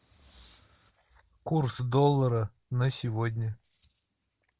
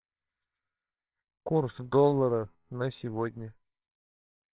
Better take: first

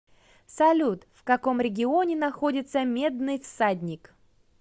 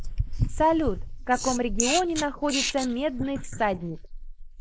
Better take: first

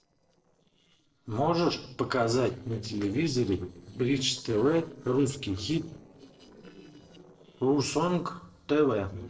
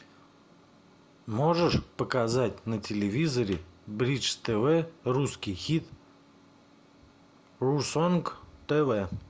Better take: second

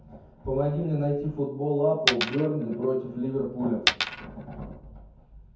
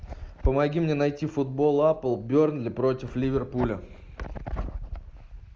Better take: second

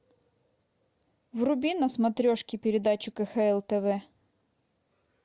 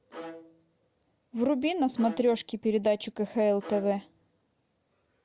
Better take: first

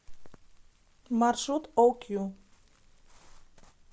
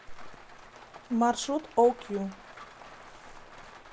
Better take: first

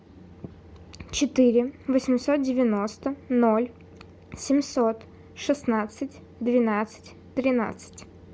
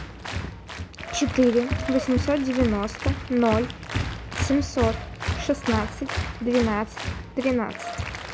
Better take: first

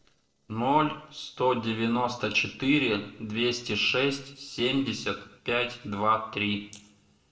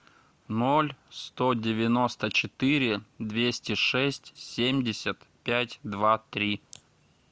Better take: second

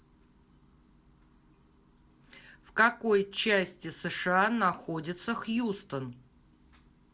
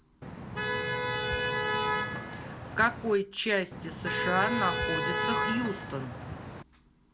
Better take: first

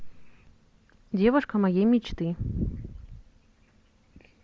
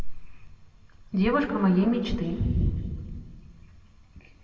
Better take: first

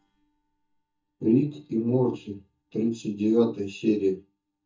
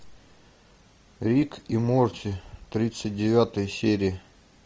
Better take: second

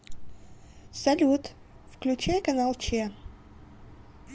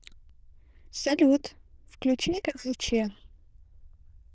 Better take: first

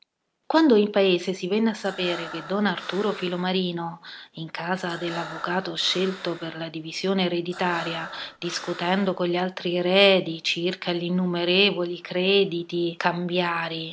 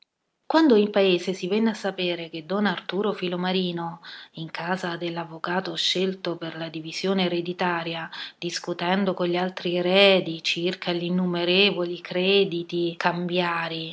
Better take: second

